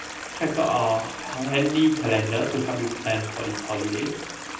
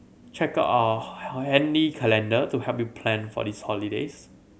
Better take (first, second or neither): second